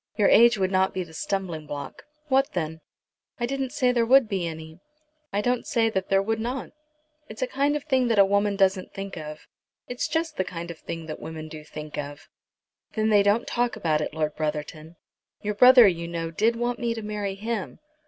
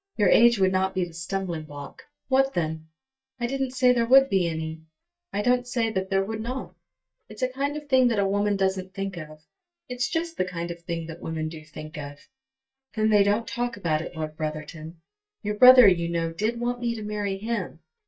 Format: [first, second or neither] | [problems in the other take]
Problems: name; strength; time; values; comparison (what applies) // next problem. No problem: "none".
first | noise reduction (neural mask model DeepFilterNet 3)